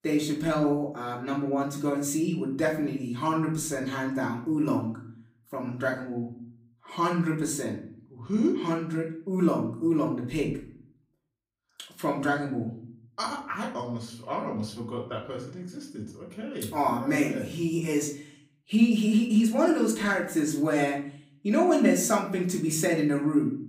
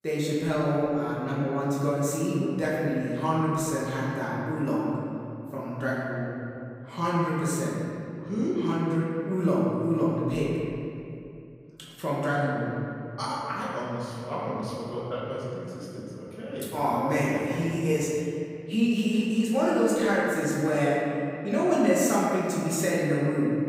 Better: first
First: room echo; slight; dies away in 0.5 s // off-mic speech; far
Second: room echo; strong; dies away in 2.6 s // off-mic speech; far

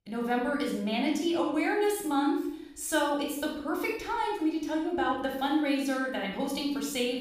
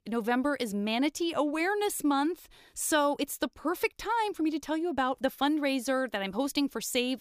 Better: second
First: off-mic speech; somewhat distant // room echo; noticeable; dies away in 0.7 s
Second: none

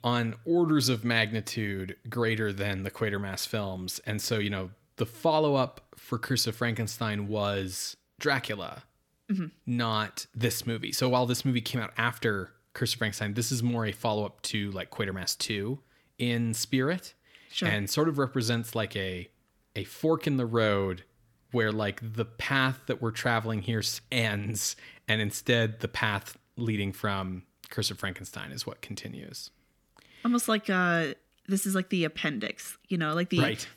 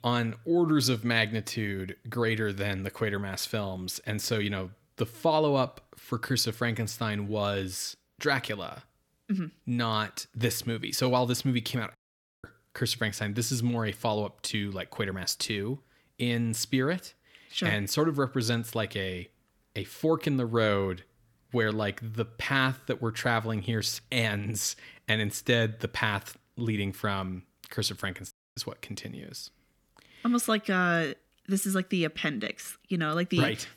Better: first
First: none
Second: audio cutting out; at 12 s and at 28 s

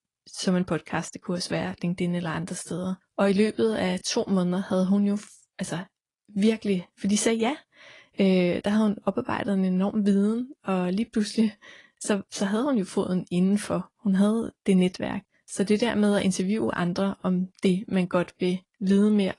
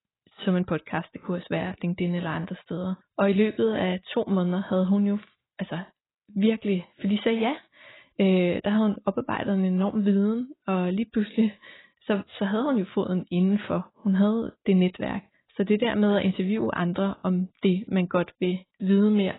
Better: first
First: garbled, watery; slightly; nothing above 10.5 kHz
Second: garbled, watery; badly; nothing above 4 kHz

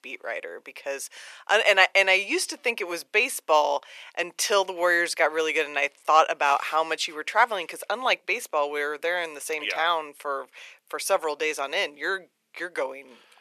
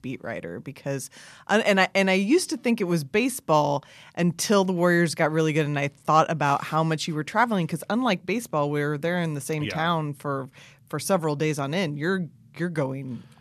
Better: second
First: thin; very; fading below 450 Hz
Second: none

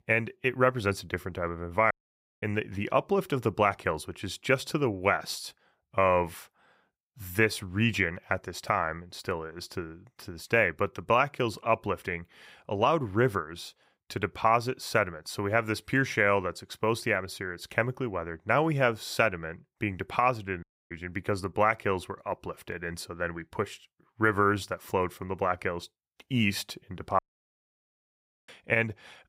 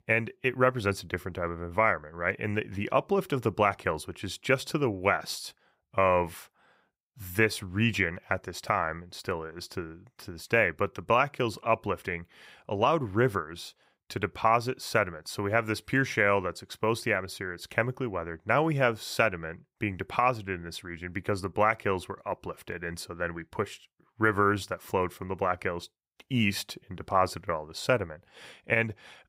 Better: second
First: audio cutting out; at 2 s for 0.5 s, at 21 s and at 27 s for 1.5 s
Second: none

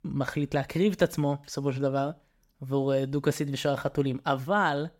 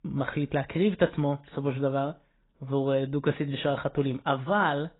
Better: first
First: none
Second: garbled, watery; badly; nothing above 4 kHz

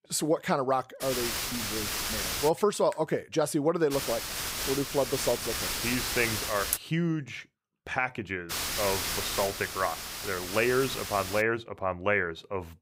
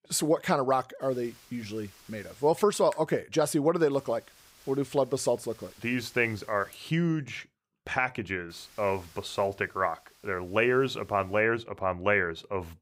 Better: second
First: hiss; loud; from 1 to 2.5 s, from 4 to 7 s and from 8.5 to 11 s; 2 dB below the speech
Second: hiss; faint; from 1 to 2.5 s, from 4 to 7 s and from 8.5 to 11 s; 25 dB below the speech

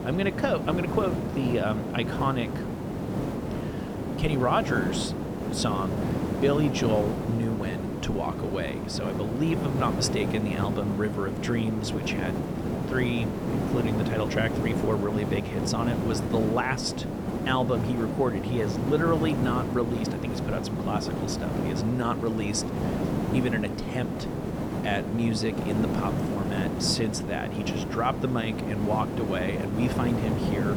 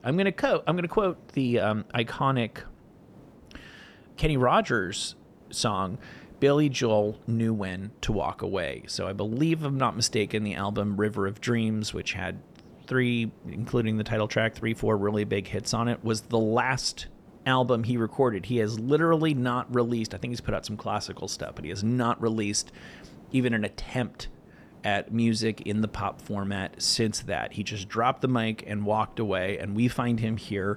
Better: second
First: hiss; loud; throughout; 1 dB below the speech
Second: hiss; faint; throughout; 25 dB below the speech

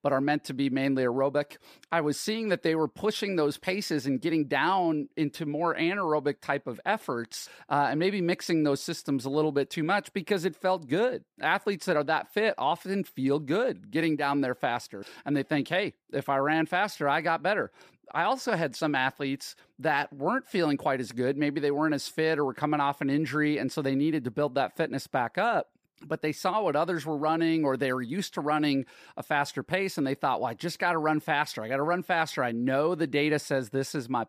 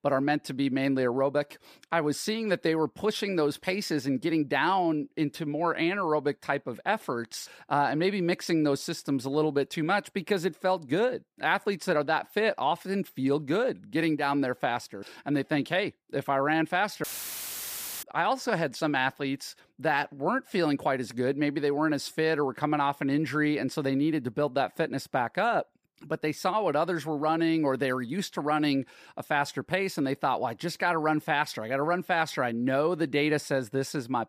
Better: first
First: none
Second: audio cutting out; filled with static; at 17 s for 1 s

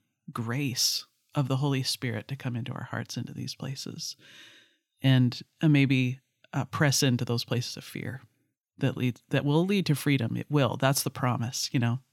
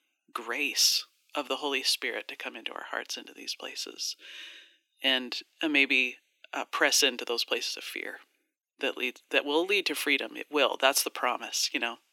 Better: first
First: none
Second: thin; very; fading below 350 Hz

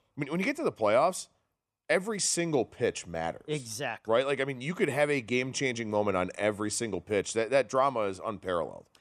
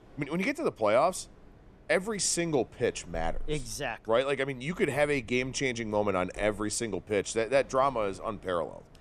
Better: first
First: none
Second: wind in the background; faint; throughout; 25 dB below the speech

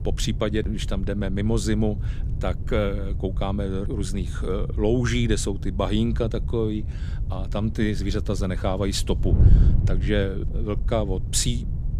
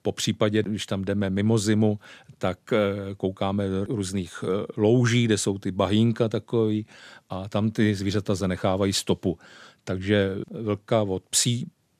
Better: second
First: wind noise on the microphone; occasional gusts; 15 dB below the speech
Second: none

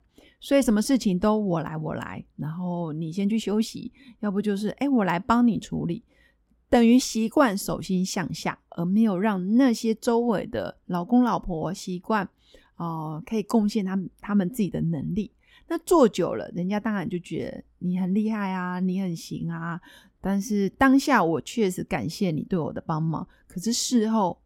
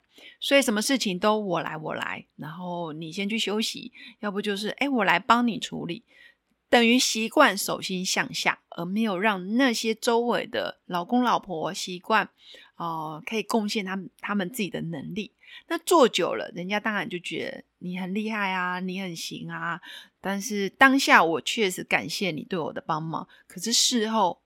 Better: first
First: none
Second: thin; somewhat; fading below 600 Hz

